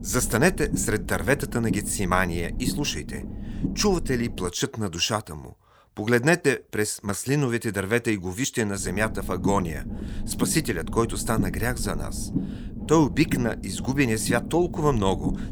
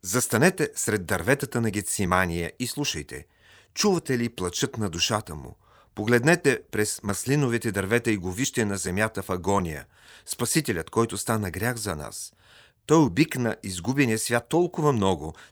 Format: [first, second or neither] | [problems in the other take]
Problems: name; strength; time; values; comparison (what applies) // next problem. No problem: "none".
second | low rumble; noticeable; until 4.5 s and from 9 s on; 15 dB below the speech